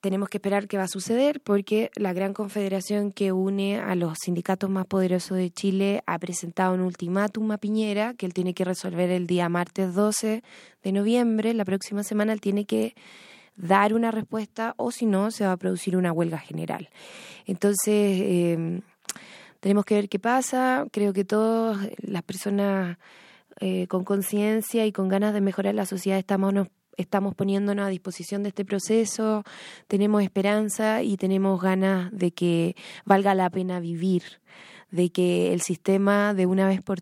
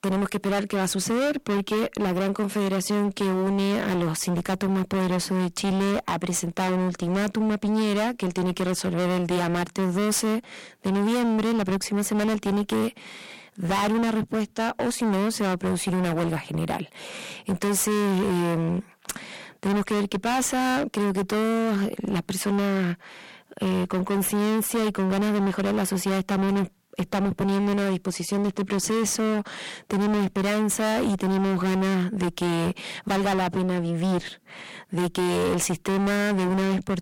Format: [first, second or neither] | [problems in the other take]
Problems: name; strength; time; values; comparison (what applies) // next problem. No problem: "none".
first | distortion; heavy; 36% of the sound clipped